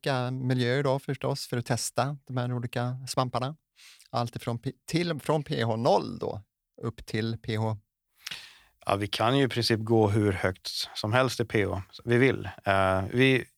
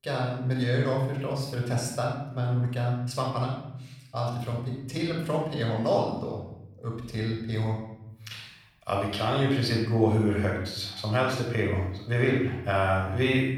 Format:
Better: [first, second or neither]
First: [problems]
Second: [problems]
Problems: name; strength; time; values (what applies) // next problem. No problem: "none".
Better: first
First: none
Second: off-mic speech; far // room echo; noticeable; dies away in 0.8 s